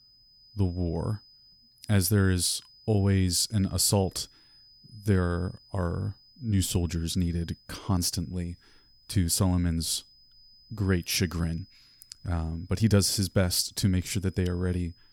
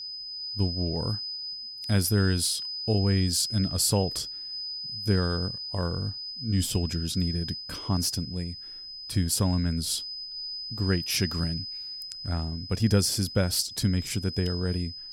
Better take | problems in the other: first | high-pitched whine; loud; throughout; 5 kHz, 6 dB below the speech; faint in the first

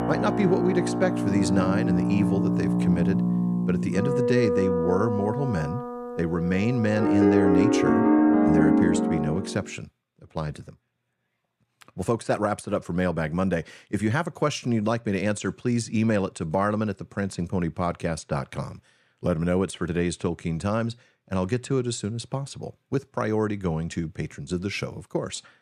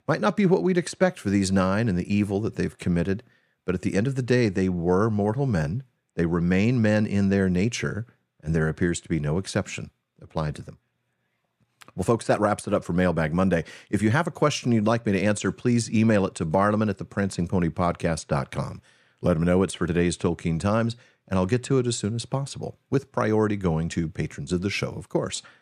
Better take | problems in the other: second | background music; very loud; until 9.5 s; 4 dB above the speech

